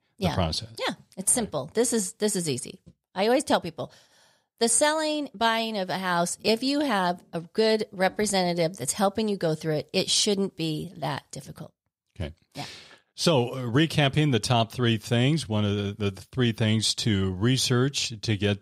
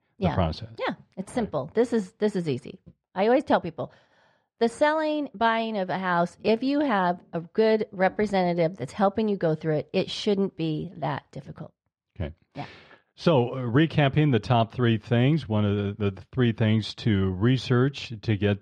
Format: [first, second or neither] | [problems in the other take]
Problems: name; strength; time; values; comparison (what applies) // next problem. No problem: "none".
first | muffled; slightly; fading above 2 kHz